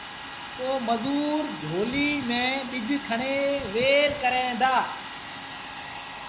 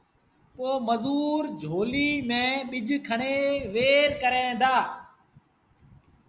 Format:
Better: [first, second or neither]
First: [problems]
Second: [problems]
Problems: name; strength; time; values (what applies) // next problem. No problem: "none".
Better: second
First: background sound (Domestic sounds, home sounds); 11 dB below the speech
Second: none